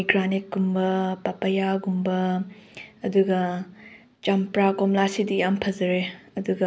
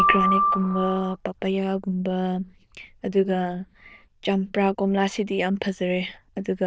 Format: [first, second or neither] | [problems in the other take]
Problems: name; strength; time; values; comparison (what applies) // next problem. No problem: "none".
first | noise reduction (neural diffusion model UNIVERSE++)